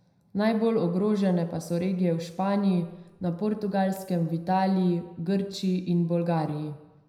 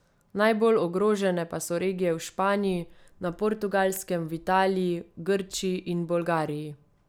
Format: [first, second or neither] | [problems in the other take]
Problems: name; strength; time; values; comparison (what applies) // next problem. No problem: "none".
second | room echo; dies away in 0.7 s